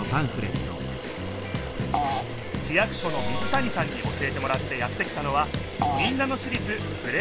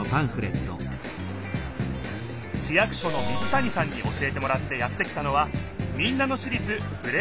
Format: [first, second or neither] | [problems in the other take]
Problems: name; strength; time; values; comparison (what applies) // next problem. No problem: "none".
second | background sound (Camera + Fart); 6 dB below the speech